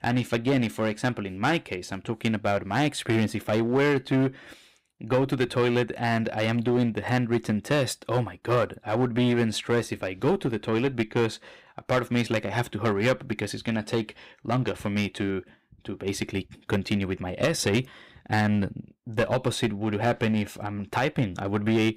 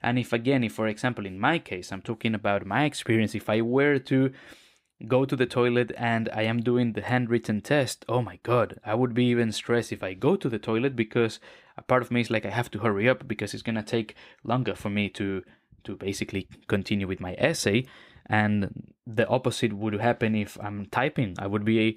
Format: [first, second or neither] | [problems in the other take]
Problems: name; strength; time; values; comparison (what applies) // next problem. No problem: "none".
second | distortion; slight; 6% of the sound clipped